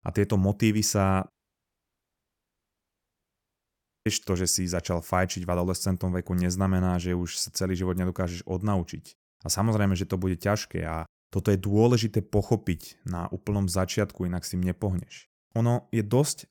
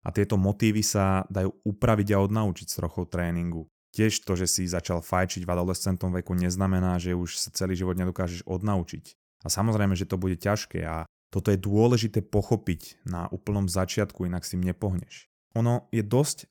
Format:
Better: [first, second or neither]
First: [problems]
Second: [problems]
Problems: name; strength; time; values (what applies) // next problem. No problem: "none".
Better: second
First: audio cutting out; at 1.5 s for 3 s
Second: none